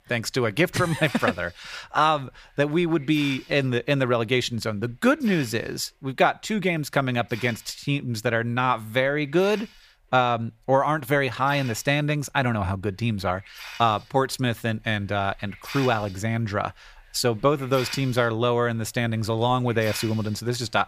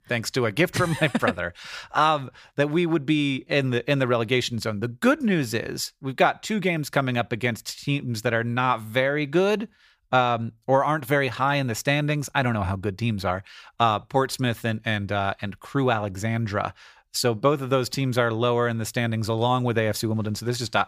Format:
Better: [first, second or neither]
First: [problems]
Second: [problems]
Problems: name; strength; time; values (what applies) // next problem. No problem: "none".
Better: second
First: hiss; noticeable; throughout; 15 dB below the speech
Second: none